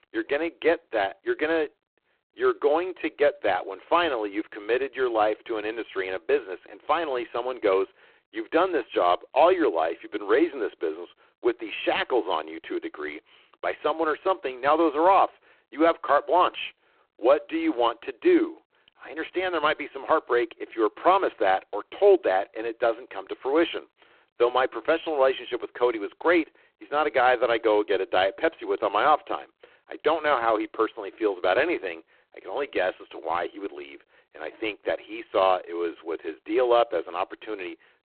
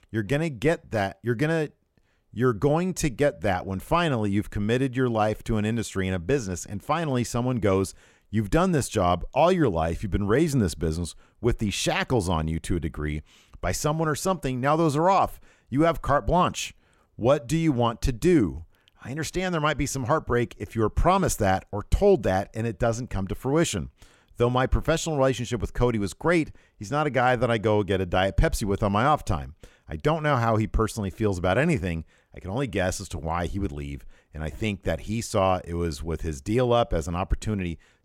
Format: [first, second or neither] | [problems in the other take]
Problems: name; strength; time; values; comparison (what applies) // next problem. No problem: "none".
second | phone-call audio; poor line